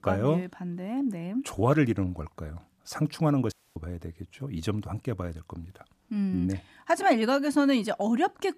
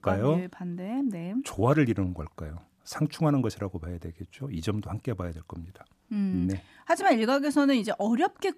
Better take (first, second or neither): second